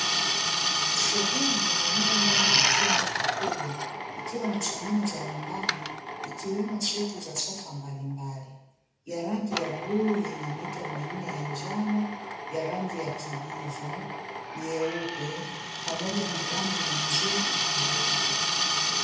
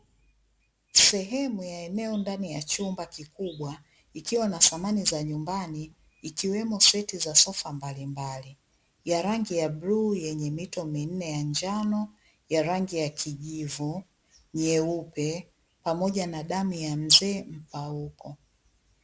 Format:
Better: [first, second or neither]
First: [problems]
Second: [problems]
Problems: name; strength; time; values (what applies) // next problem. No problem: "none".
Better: second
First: background sound (Drill); 4 dB above the speech // room echo; dies away in 0.8 s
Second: none